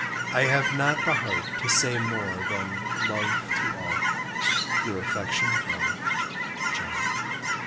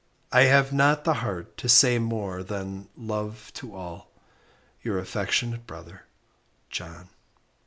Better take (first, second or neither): second